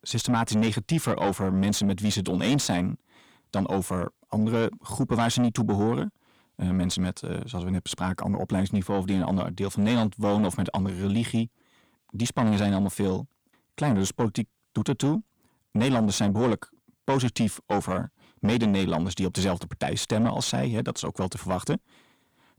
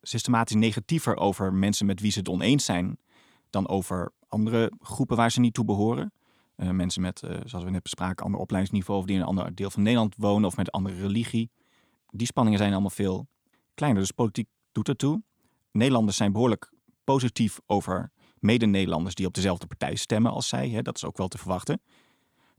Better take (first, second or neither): second